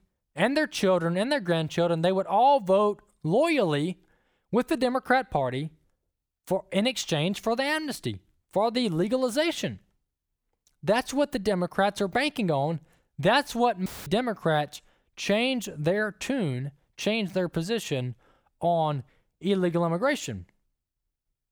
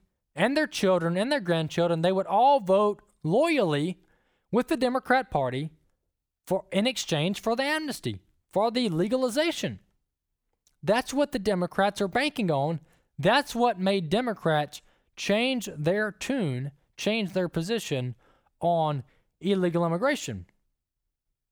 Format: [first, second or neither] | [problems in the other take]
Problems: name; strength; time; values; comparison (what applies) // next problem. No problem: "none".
second | audio cutting out; filled with static; at 14 s